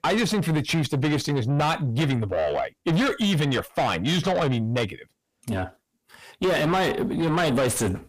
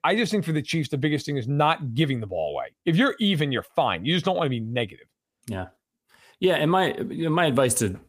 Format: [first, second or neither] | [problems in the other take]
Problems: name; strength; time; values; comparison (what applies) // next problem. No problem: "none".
second | distortion; heavy; 6 dB below the speech